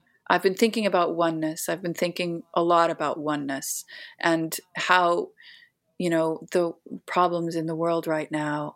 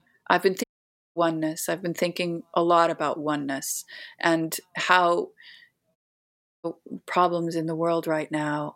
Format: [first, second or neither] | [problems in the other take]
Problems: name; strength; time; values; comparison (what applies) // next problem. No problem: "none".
first | audio cutting out; at 0.5 s for 0.5 s and at 6 s for 0.5 s